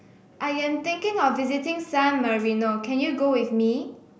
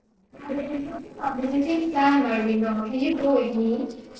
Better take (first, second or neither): first